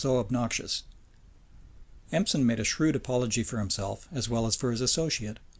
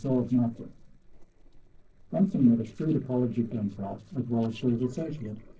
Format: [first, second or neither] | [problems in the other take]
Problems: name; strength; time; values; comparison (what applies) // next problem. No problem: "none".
first | noise reduction (neural separator model SepFormer DNS4)